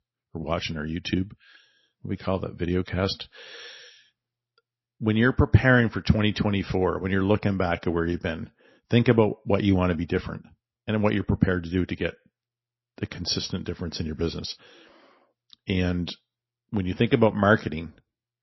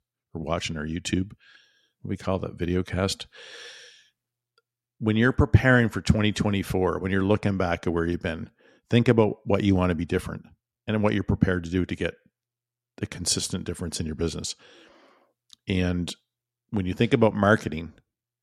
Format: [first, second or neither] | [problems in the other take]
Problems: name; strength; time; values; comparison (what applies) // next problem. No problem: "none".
second | garbled, watery; slightly; nothing above 5.5 kHz